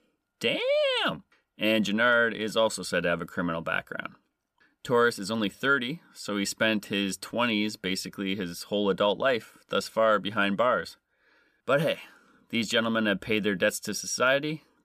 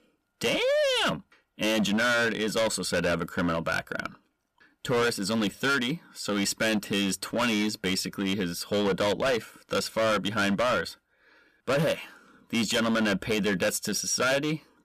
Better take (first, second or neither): first